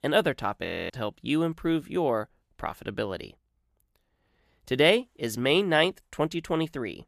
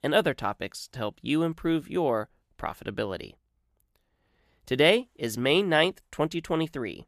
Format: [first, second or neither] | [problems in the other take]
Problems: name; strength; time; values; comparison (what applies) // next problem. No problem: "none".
second | audio freezing; at 0.5 s